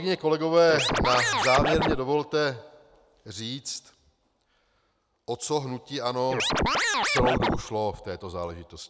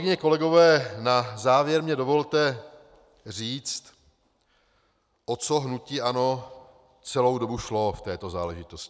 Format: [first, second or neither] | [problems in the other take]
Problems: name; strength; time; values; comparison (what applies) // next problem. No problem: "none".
second | background sound (Scratching (performance technique)); 3 dB above the speech